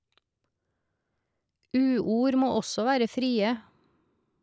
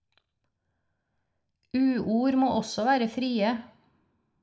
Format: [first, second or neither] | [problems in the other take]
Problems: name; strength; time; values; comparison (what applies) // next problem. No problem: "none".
first | room echo; dies away in 0.5 s